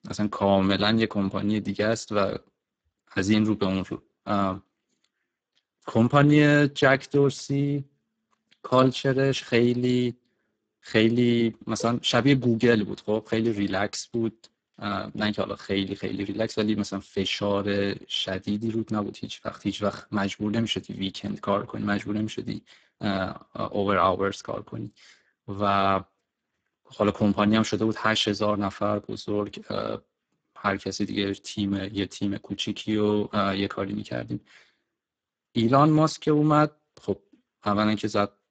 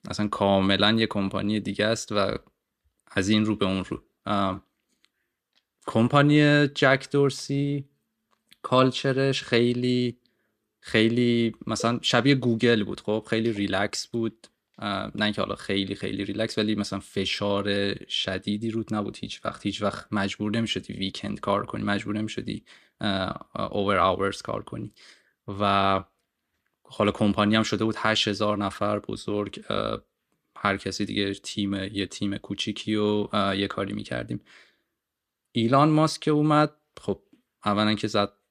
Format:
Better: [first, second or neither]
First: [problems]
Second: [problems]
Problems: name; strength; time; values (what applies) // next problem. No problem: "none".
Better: second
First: garbled, watery; badly; nothing above 7.5 kHz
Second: none